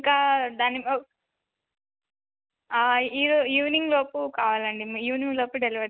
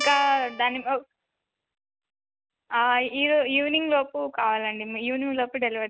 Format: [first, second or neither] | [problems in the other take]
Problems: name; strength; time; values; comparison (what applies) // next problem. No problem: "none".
first | background sound (Guitar); 7 dB below the speech